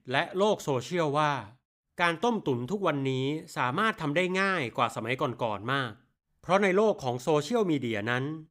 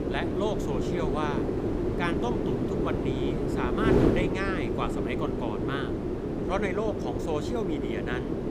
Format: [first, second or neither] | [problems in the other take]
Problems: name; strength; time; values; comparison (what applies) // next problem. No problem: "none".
first | wind noise on the microphone; heavy; 1 dB above the speech